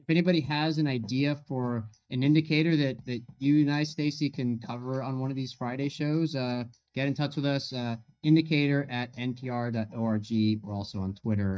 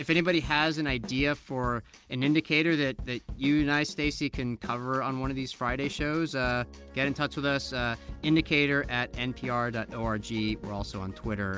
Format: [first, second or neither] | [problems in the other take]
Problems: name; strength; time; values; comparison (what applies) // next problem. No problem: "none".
second | noise reduction (neural mask model DeepFilterNet 3)